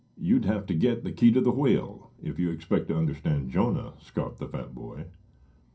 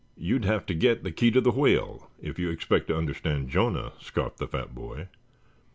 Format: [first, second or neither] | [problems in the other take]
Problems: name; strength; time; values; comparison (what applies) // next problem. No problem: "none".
second | room echo; dies away in 0.3 s